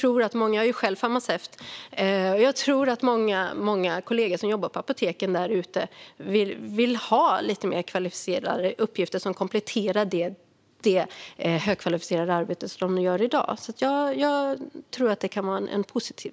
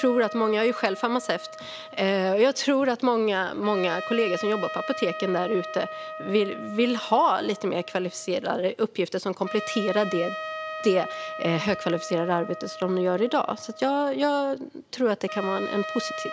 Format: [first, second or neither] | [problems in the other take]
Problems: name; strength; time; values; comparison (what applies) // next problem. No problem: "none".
first | background sound (Trumpet); 11 dB below the speech